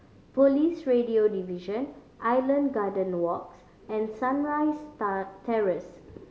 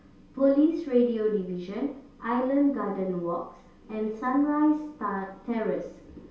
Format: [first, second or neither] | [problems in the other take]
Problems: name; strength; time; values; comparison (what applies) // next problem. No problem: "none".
first | room echo; dies away in 0.4 s